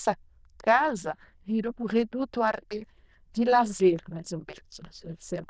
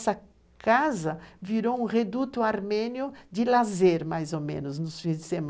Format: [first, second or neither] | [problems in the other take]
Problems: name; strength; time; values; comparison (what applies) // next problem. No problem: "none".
second | noise reduction (neural diffusion model UNIVERSE++)